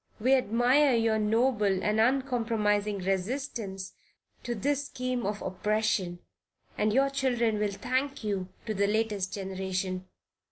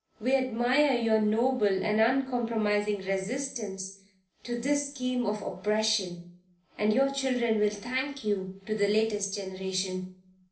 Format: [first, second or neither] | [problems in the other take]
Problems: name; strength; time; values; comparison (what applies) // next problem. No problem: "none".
first | room echo; dies away in 0.4 s